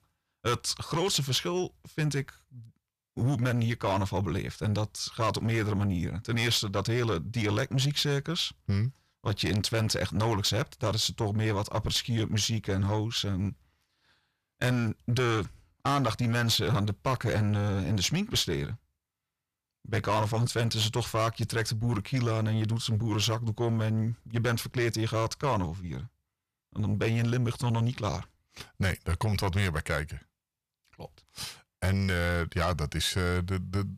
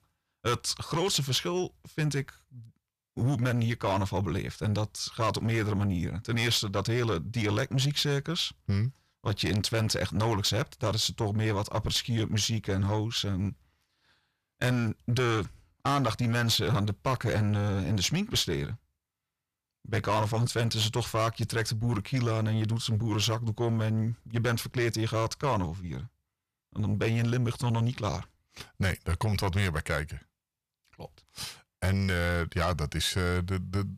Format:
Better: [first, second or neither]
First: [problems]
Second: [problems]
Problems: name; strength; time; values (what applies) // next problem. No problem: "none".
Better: neither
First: distortion; slight; 10 dB below the speech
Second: distortion; slight; 10 dB below the speech